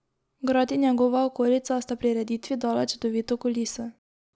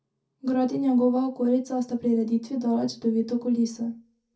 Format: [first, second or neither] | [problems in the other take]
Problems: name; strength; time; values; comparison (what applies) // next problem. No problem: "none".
first | room echo; dies away in 0.3 s